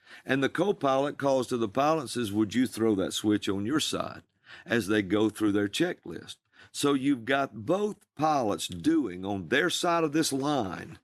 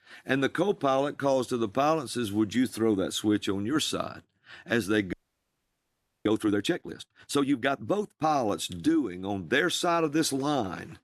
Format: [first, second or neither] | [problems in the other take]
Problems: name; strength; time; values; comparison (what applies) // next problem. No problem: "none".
first | audio freezing; at 5 s for 1 s